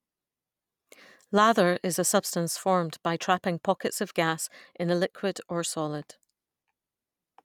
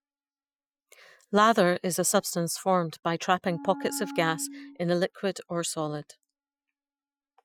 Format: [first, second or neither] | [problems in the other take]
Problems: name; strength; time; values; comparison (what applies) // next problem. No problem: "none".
first | noise reduction (classical method Wiener filter)